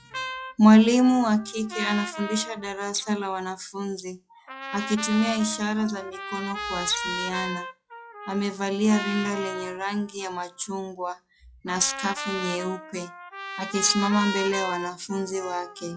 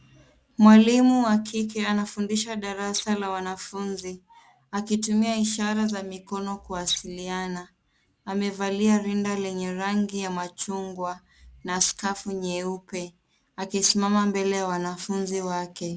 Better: second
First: noise reduction (classical method log-MMSE)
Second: none

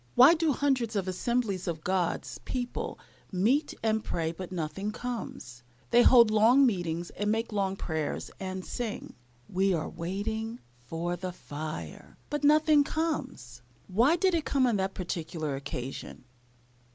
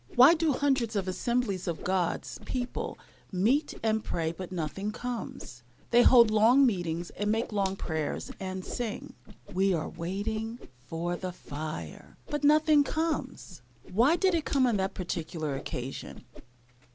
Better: first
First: none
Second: background sound (Whoosh, swoosh, swish); 15 dB below the speech

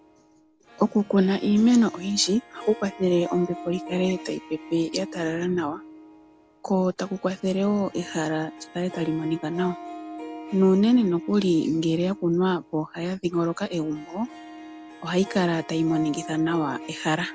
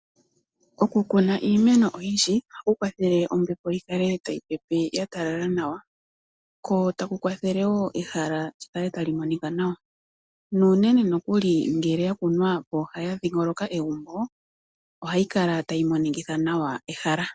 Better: second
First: background sound (Harp); 16 dB below the speech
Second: none

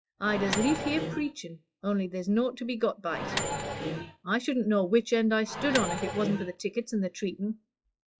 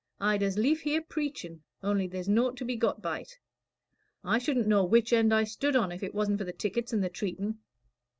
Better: second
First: noise reduction (classical method log-MMSE)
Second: none

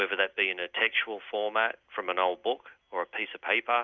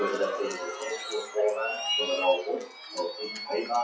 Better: first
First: none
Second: noise reduction (classical method WPE with log-MMSE)

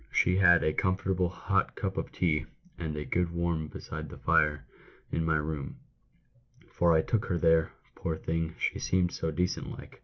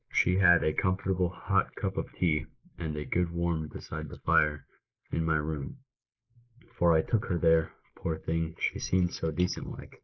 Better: first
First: none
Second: noise reduction (neural mask model Resemble Enhance denoiser)

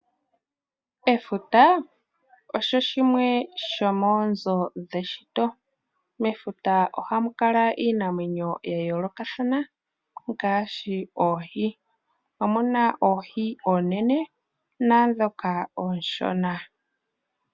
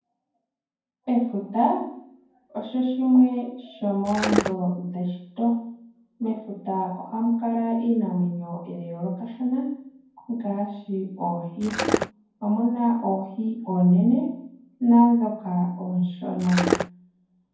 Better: first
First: none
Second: background sound (Skateboard); as loud as the speech // room echo; dies away in 0.9 s

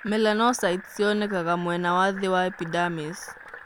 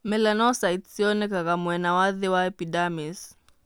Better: second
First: background sound (Fill (with liquid)); 17 dB below the speech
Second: none

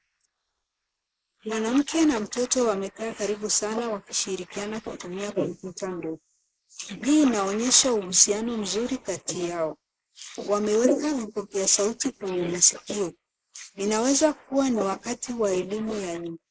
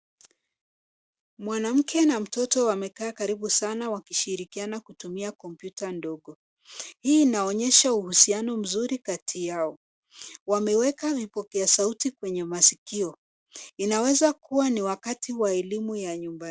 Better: second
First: noise reduction (neural mask model Resemble Enhance denoiser)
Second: none

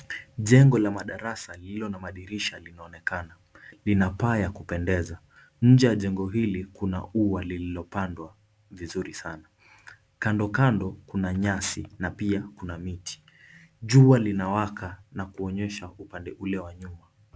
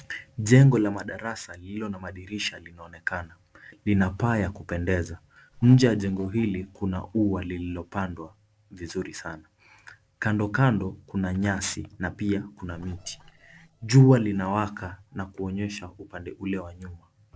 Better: first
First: none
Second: noise reduction (neural separator model SepFormer DNS4)

